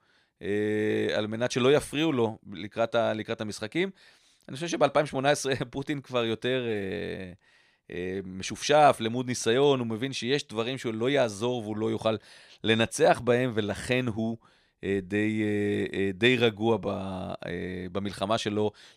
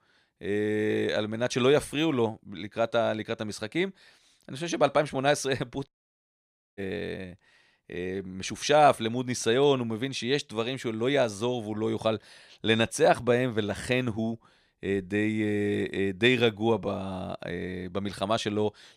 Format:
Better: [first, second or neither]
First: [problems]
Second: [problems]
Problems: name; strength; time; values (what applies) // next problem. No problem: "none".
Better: first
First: none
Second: audio cutting out; at 6 s for 1 s